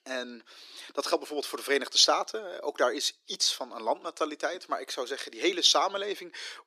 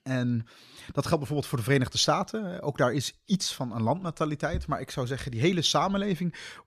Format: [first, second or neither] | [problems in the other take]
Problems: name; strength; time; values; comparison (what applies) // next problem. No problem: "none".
second | thin; very; fading below 350 Hz